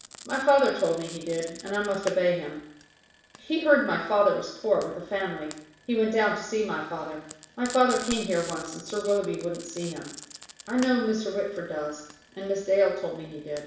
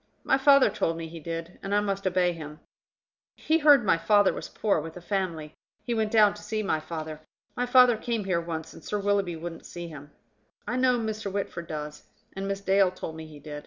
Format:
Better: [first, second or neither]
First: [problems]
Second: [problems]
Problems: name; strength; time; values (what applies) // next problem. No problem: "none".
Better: second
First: background sound (Frying (food)); 18 dB below the speech // room echo; dies away in 0.7 s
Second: none